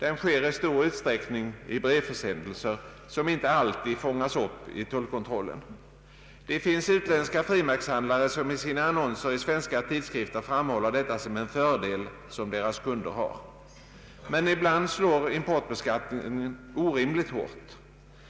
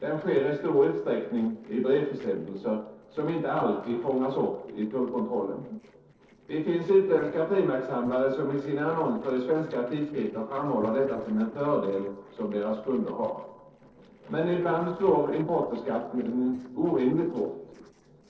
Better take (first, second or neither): first